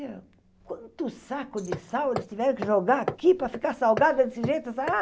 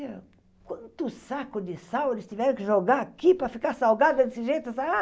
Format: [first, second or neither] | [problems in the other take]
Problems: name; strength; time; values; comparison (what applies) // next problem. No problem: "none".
second | background sound (Hammer); 11 dB below the speech